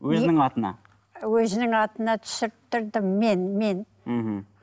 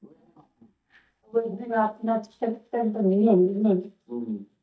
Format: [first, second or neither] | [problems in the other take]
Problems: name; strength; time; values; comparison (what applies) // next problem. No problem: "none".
first | noise reduction (neural mask model DeepFilterNet 3)